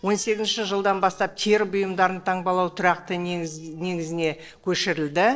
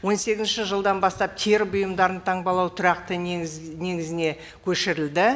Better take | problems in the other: second | noise reduction (neural separator model SepFormer DNS4)

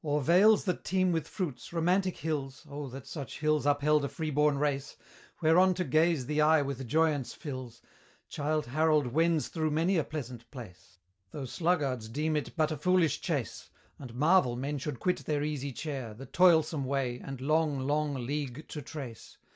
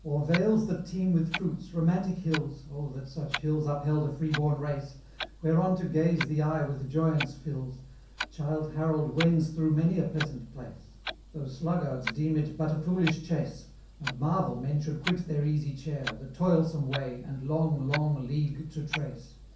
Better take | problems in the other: first | background sound (Clock); 13 dB below the speech // room echo; dies away in 0.6 s

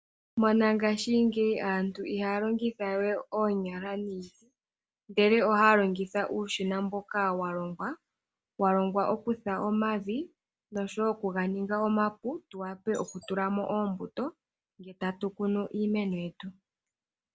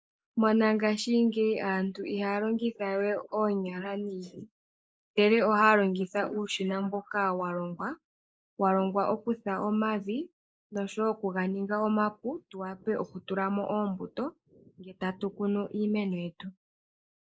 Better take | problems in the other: first | noise reduction (neural mask model Resemble Enhance denoiser)

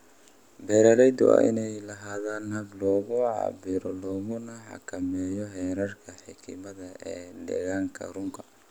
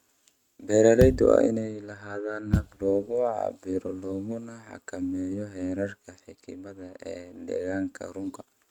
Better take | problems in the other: first | noise reduction (neural mask model RNNoise)

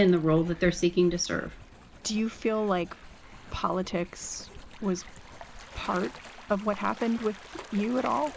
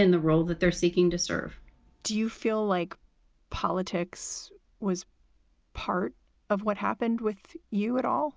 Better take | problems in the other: second | background sound (Writing + Gull, seagull / Waves, surf); 17 dB below the speech

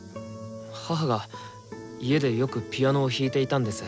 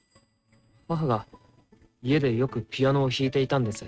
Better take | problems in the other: first | noise reduction (neural mask model RNNoise)

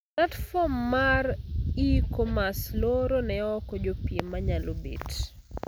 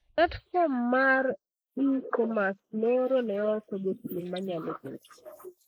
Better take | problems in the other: first | noise reduction (neural mask model Resemble Enhance denoiser)

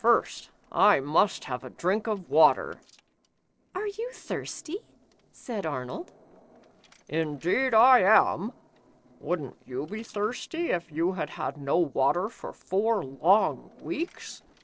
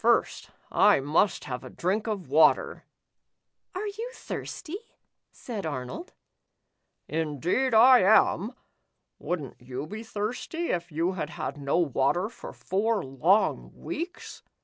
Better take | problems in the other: second | noise reduction (neural separator model SepFormer DNS4)

